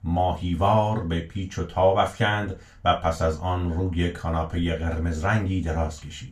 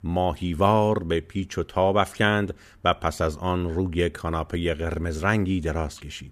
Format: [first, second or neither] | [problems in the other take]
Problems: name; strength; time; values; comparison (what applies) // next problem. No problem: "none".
second | room echo; slight; dies away in 0.2 s // off-mic speech; far